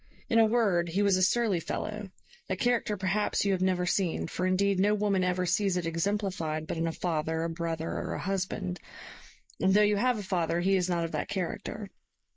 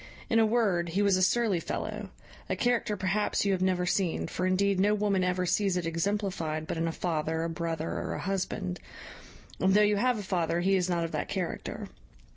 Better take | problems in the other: second | noise reduction (neural mask model Resemble Enhance denoiser)

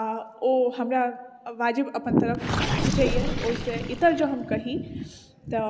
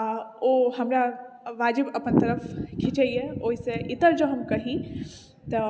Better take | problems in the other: second | background sound (Gurgling); 6 dB below the speech

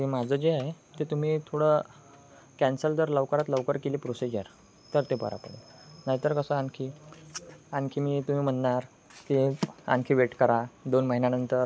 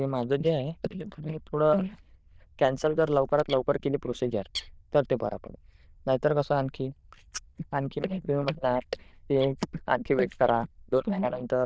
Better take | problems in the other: first | noise reduction (neural diffusion model UNIVERSE++)

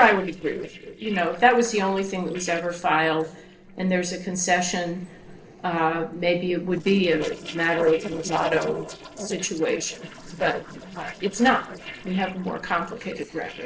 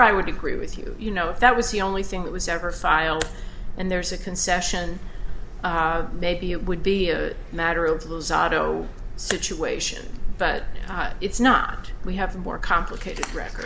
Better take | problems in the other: second | noise reduction (neural separator model SepFormer DNS4)

